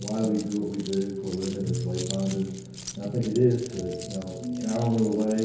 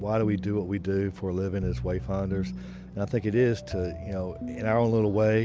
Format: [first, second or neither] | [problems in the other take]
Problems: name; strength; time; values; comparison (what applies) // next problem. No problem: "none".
second | background sound (Keys jangling); 16 dB below the speech // room echo; dies away in 1 s